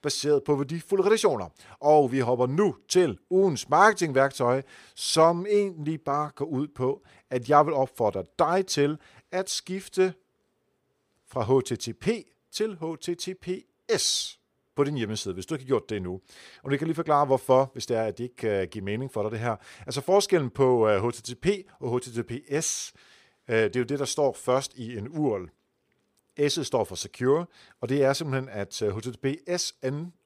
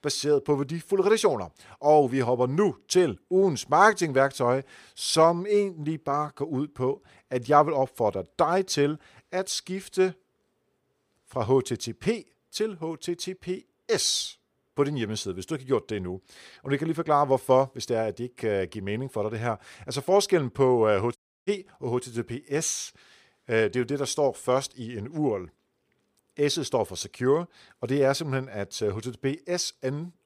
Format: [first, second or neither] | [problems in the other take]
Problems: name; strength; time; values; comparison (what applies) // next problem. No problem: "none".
first | audio cutting out; at 21 s